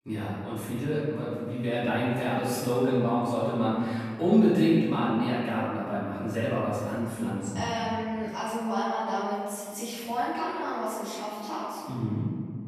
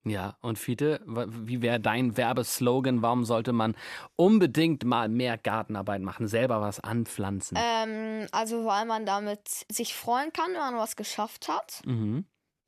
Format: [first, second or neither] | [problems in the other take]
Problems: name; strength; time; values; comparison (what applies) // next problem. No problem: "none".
second | room echo; strong; dies away in 1.8 s // off-mic speech; far